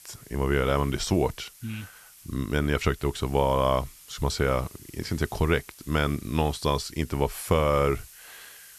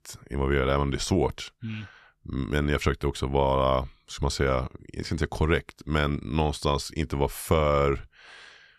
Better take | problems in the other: second | hiss; faint; throughout; 20 dB below the speech

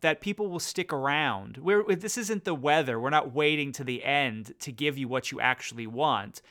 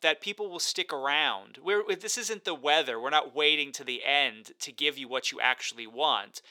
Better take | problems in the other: first | thin; somewhat; fading below 450 Hz

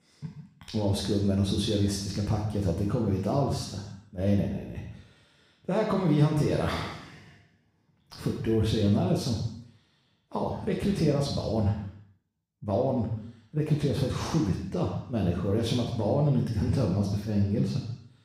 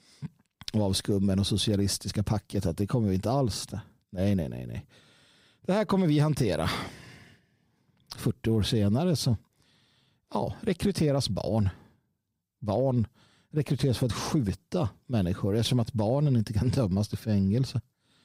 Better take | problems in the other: second | room echo; noticeable; dies away in 0.7 s // off-mic speech; far

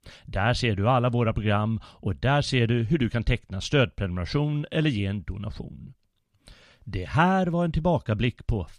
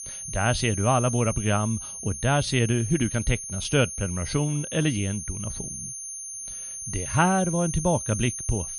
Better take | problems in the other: first | high-pitched whine; loud; throughout; 6.5 kHz, 7 dB below the speech

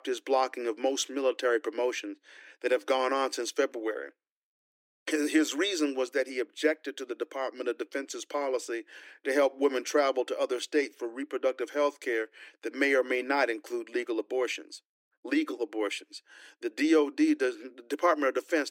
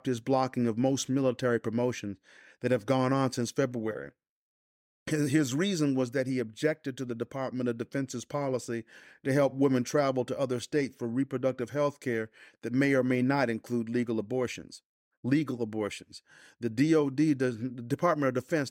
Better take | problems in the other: second | thin; somewhat; fading below 300 Hz

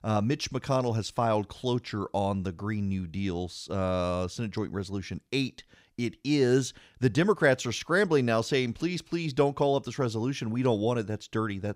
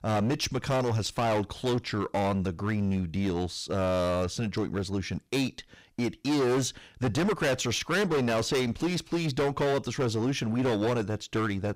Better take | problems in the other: first | distortion; heavy; 19% of the sound clipped

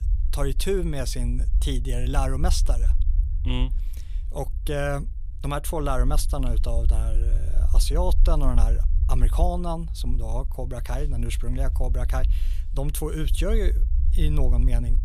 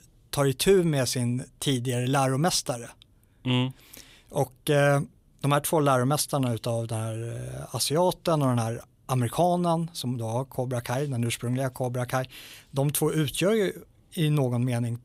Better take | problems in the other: second | low rumble; noticeable; throughout; 15 dB below the speech

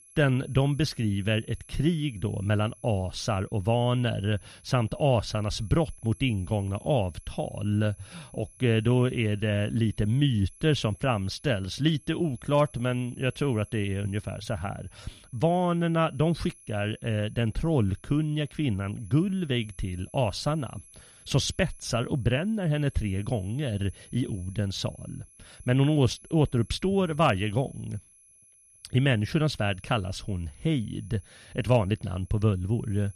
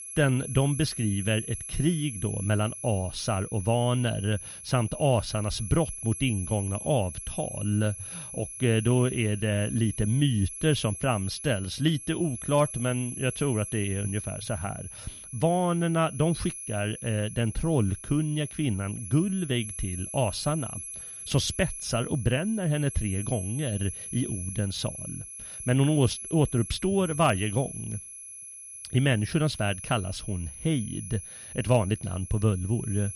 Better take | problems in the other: first | high-pitched whine; loud; throughout; 11 kHz, 10 dB below the speech; faint in the first

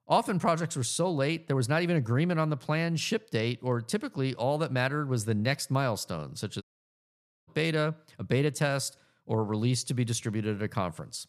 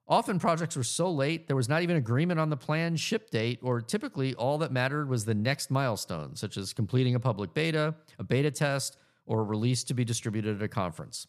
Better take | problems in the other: second | audio cutting out; at 6.5 s for 1 s

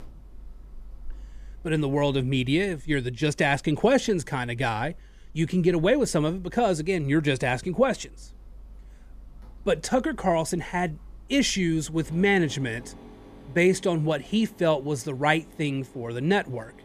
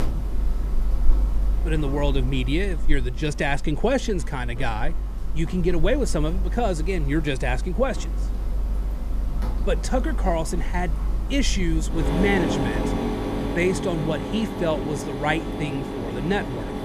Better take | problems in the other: first | machinery noise; loud; throughout; 2 dB below the speech; faint in the first

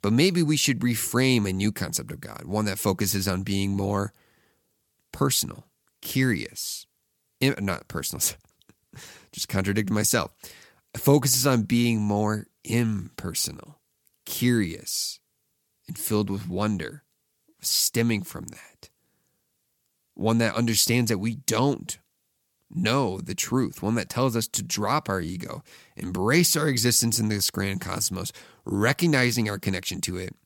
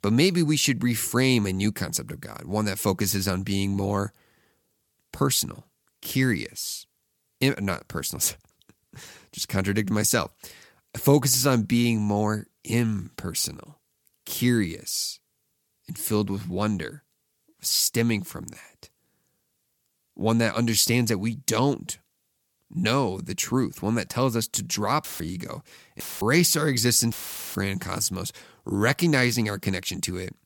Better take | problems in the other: first | audio cutting out; filled with static; at 25 s, at 26 s and at 27 s

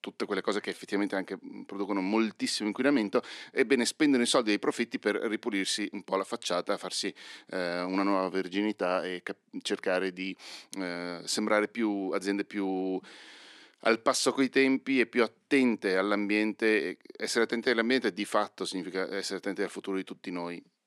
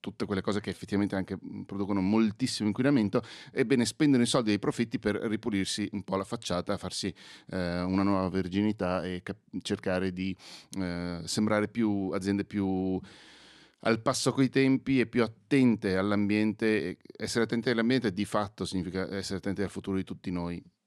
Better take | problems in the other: second | thin; very slightly; fading below 300 Hz

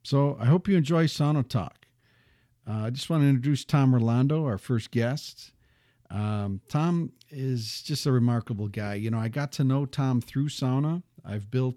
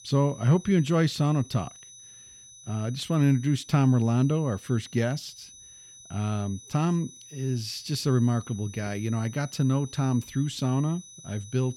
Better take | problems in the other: first | high-pitched whine; noticeable; throughout; 6 kHz, 20 dB below the speech

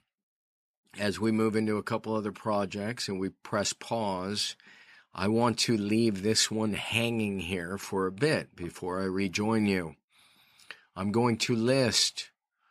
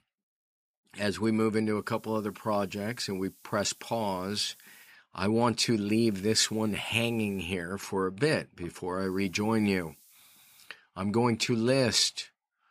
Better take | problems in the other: first | hiss; faint; from 2 to 5 s, from 6 to 7.5 s and from 9 to 11 s; 25 dB below the speech

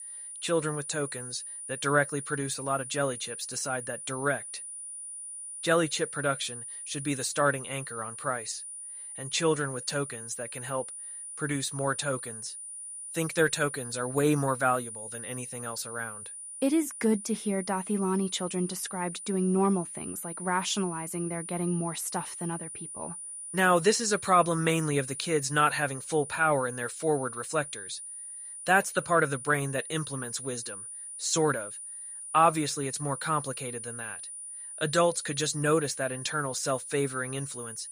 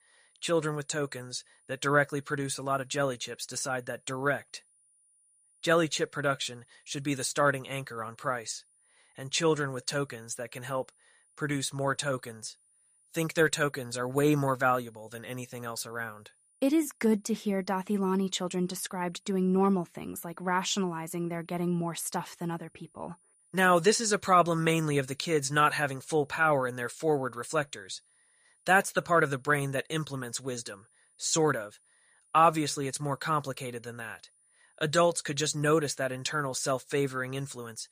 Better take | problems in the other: second | high-pitched whine; loud; throughout; 9.5 kHz, 9 dB below the speech; faint in the second

